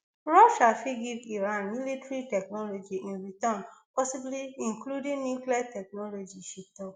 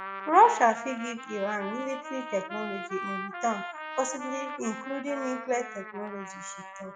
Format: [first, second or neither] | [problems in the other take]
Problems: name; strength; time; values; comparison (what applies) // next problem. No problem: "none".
first | noise reduction (classical method log-MMSE)